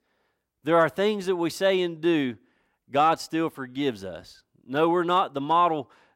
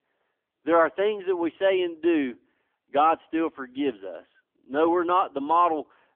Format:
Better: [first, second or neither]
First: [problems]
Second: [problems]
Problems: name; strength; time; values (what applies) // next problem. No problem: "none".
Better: first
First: none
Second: phone-call audio; poor line; nothing above 3.5 kHz